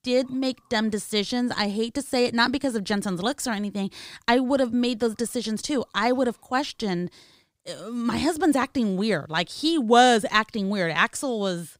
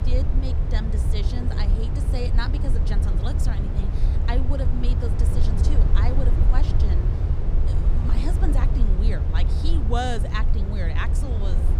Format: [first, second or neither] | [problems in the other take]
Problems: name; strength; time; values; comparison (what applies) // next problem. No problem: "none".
first | low rumble; loud; throughout; 3 dB below the speech